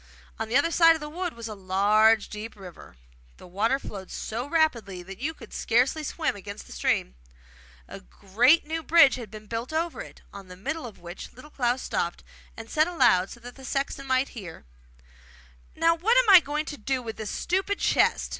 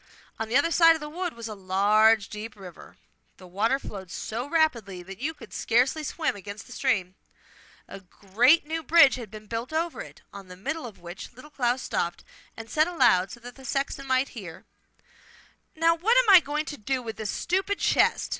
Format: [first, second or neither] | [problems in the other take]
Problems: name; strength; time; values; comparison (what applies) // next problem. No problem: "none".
first | noise reduction (neural separator model SepFormer DNS4)